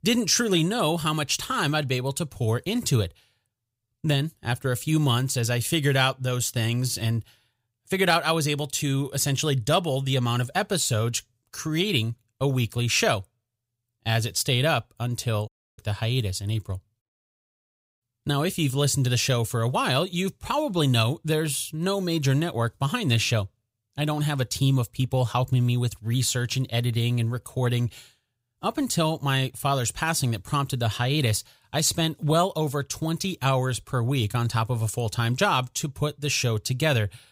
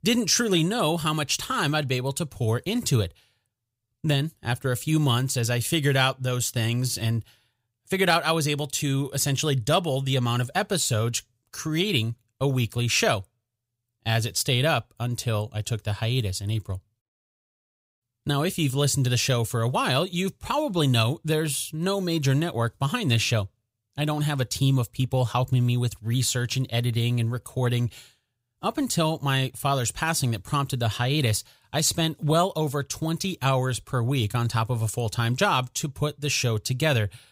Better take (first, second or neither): second